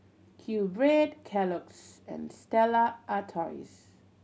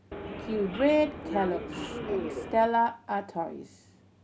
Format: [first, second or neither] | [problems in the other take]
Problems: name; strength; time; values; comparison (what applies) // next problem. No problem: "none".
first | background sound (Subway, metro, underground); 6 dB below the speech